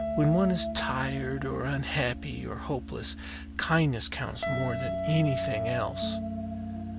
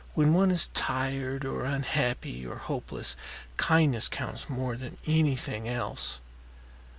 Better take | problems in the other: second | background sound (Guitar + Piano); 4 dB below the speech

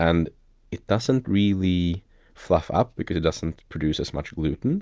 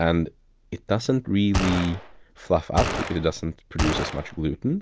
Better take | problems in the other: first | background sound (Gunshot, gunfire); 3 dB below the speech

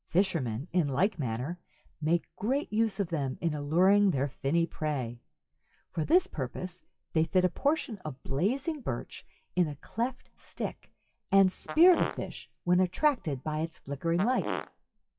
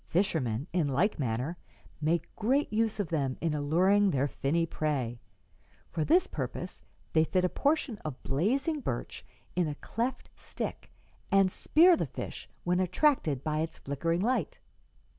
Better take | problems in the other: second | noise reduction (classical method WPE with log-MMSE)

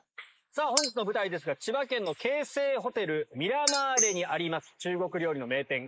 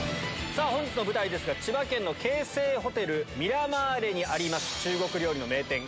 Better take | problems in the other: second | noise reduction (neural mask model Resemble Enhance denoiser)

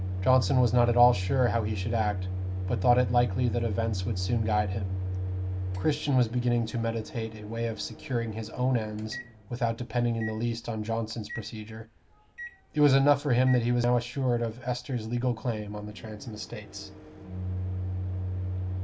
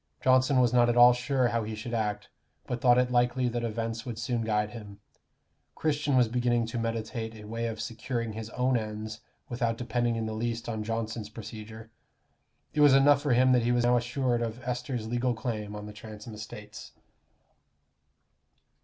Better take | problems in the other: second | background sound (Microwave oven); 6 dB below the speech

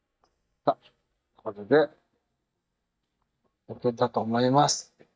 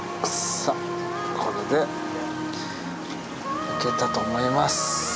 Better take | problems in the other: second | noise reduction (neural mask model DeepFilterNet 3)

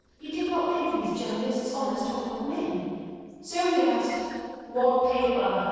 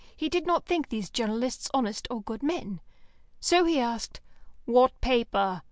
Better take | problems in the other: second | noise reduction (neural separator model SepFormer DNS4)

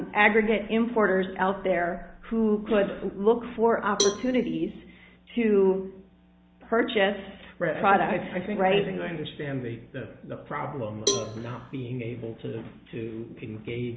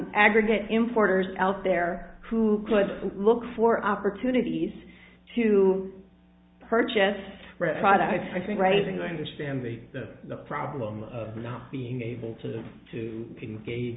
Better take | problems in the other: second | background sound (Cowbell); 8 dB below the speech

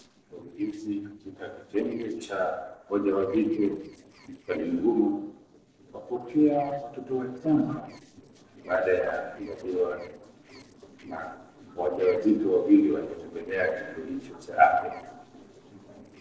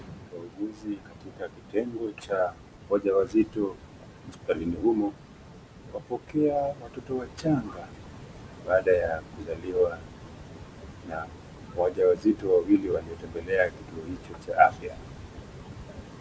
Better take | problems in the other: second | noise reduction (neural separator model SepFormer DNS4)

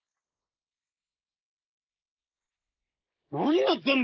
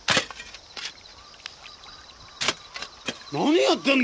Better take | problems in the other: second | noise reduction (neural mask model Resemble Enhance denoiser)

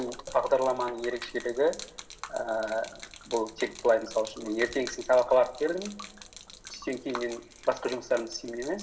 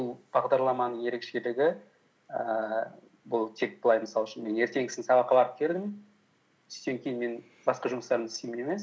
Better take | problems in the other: second | background sound (Gurgling / Liquid); 16 dB below the speech // room echo; dies away in 1.3 s

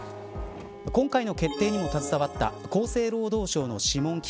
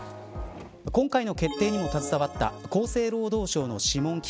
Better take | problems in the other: second | background sound (Bowed string instrument); 19 dB below the speech

